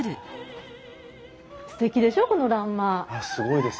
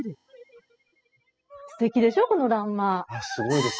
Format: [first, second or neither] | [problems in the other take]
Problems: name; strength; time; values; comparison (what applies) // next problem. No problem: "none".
first | noise reduction (classical method spectral subtraction)